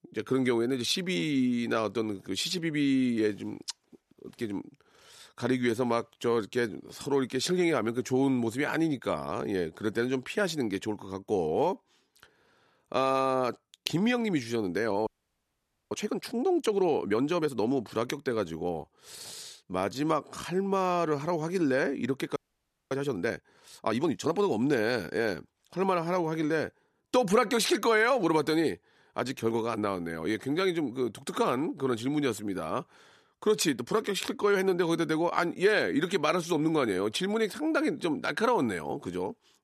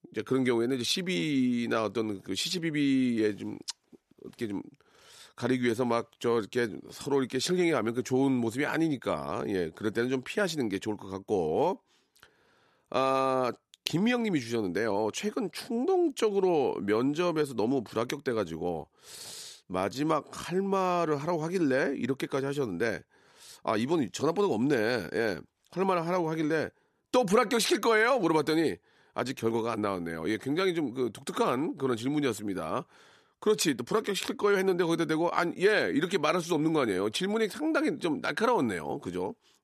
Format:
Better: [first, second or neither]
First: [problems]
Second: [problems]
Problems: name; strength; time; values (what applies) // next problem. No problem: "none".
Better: second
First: audio freezing; at 15 s for 1 s and at 22 s for 0.5 s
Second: none